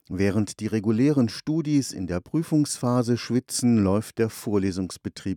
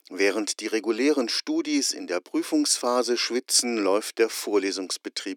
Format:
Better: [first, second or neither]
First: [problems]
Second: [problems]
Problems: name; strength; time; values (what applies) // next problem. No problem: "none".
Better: first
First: none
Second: thin; somewhat; fading below 300 Hz